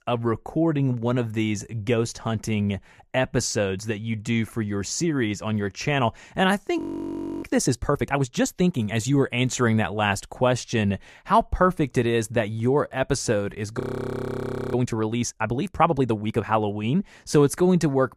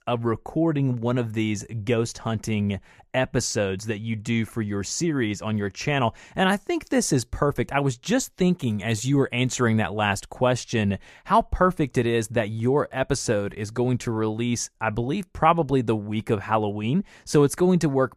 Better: second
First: audio freezing; at 7 s for 0.5 s and at 14 s for 1 s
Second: none

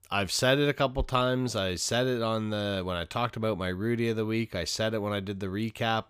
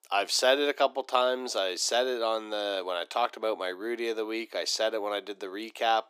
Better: first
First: none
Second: thin; very; fading below 300 Hz

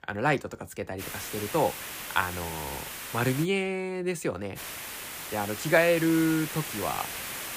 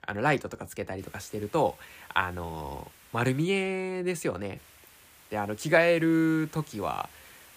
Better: second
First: hiss; loud; from 1 to 3.5 s and from 4.5 s on; 7 dB below the speech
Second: hiss; faint; from 1 to 3.5 s and from 4.5 s on; 25 dB below the speech

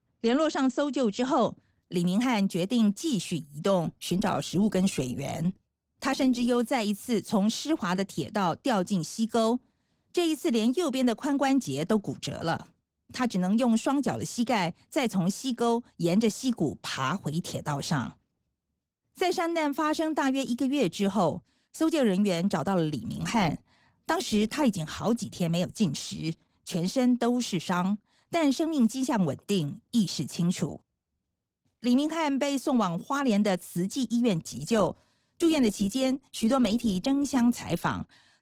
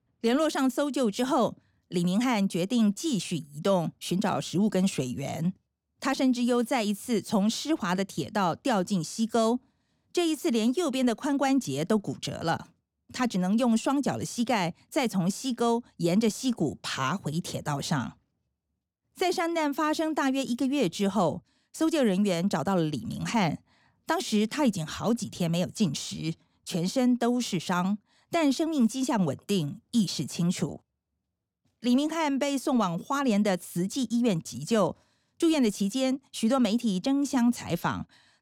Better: second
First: garbled, watery; slightly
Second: none

